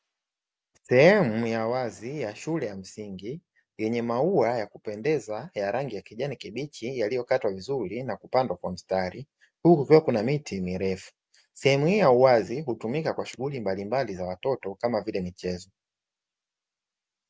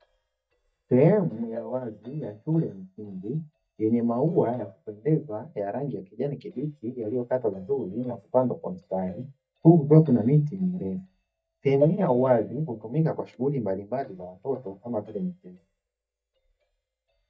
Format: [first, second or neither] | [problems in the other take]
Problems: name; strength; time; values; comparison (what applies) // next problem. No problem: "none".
first | noise reduction (neural mask model DeepFilterNet 3)